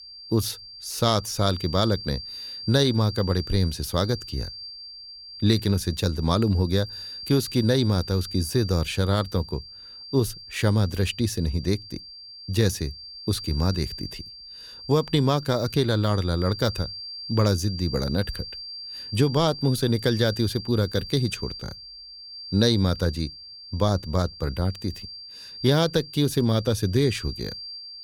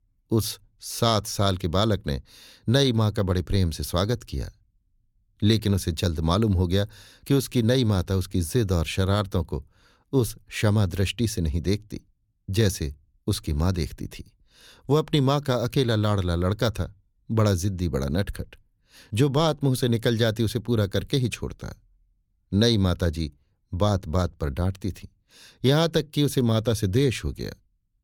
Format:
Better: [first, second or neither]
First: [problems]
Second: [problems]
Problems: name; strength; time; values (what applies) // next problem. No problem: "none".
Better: second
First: high-pitched whine; noticeable; throughout; 4.5 kHz, 10 dB below the speech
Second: none